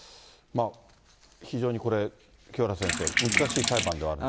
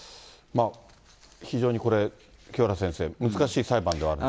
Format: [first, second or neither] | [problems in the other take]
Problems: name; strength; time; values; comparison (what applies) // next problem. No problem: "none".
second | background sound (Sink (filling or washing)); 3 dB above the speech